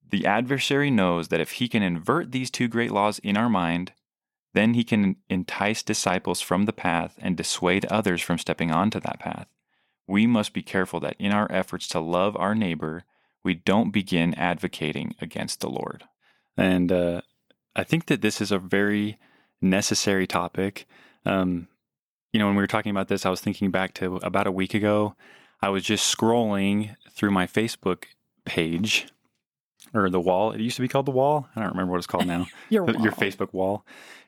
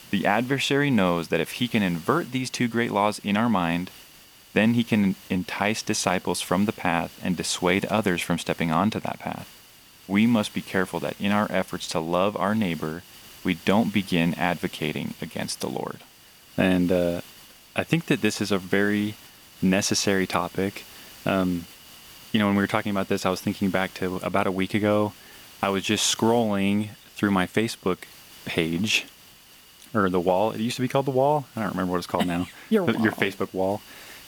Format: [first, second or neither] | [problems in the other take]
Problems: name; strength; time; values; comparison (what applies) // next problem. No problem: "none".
first | hiss; faint; throughout; 20 dB below the speech